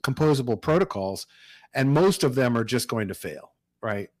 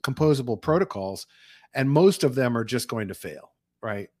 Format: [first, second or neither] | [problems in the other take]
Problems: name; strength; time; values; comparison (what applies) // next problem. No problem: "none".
second | distortion; slight; 6% of the sound clipped